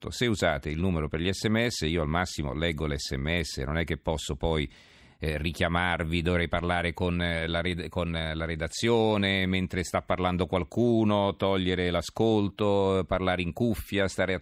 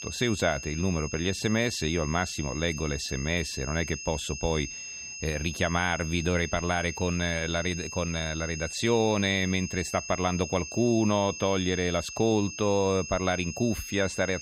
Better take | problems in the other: first | high-pitched whine; loud; throughout; 6.5 kHz, 9 dB below the speech

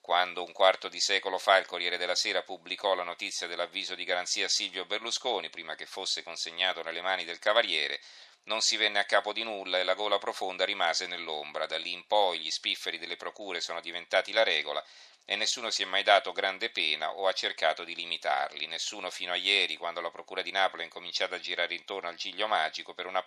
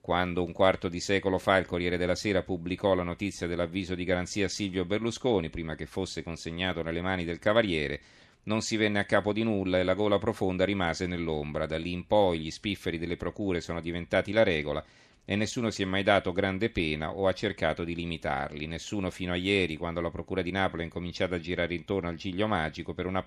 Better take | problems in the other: second | thin; very; fading below 800 Hz

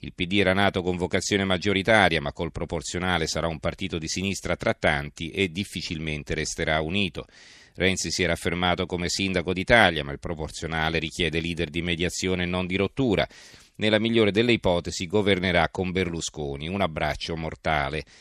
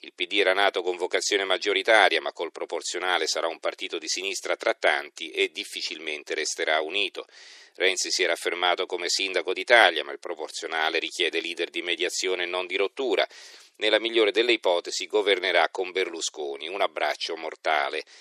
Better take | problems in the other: first | thin; very; fading below 350 Hz

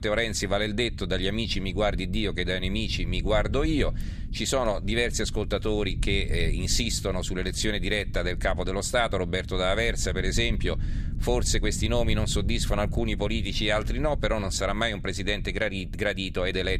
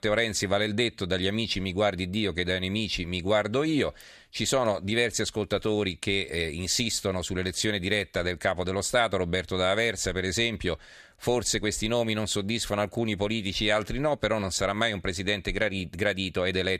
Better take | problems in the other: second | low rumble; faint; throughout; 20 dB below the speech

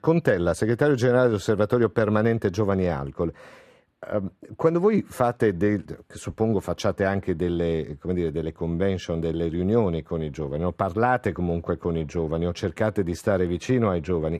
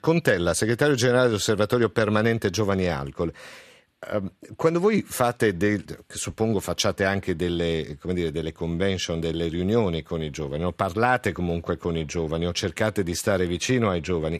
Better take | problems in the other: second | muffled; slightly; fading above 2 kHz

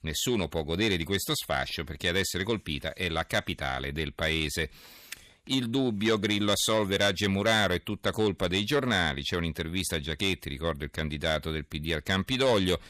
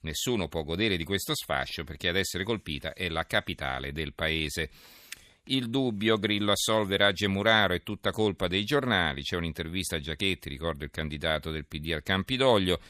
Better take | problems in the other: second | distortion; slight; 10 dB below the speech

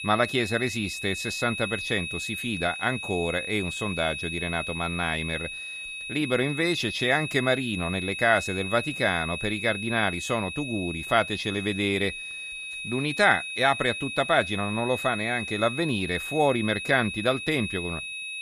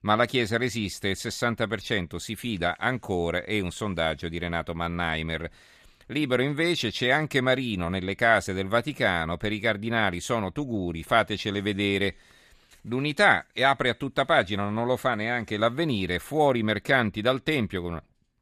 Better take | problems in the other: second | high-pitched whine; loud; throughout; 2.5 kHz, 6 dB below the speech

